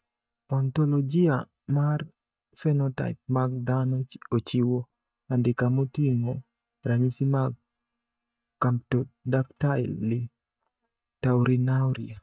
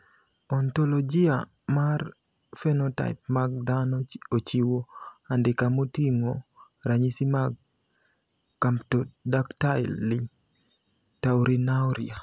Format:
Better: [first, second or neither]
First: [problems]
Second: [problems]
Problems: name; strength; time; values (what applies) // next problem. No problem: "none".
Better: second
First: noise reduction (neural mask model DeepFilterNet 3)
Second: none